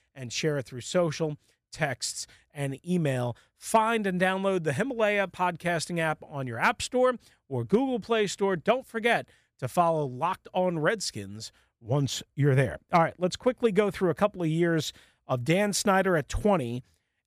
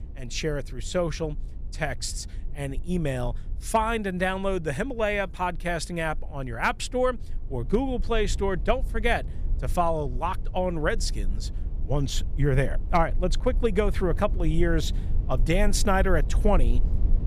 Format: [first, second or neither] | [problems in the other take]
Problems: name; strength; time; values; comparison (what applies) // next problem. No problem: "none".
first | low rumble; faint; throughout; 25 dB below the speech